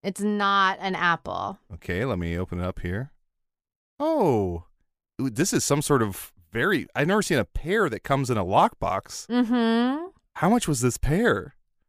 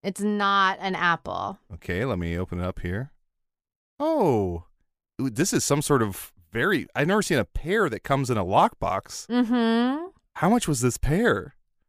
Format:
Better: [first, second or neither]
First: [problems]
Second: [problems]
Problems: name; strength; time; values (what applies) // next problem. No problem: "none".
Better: neither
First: none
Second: none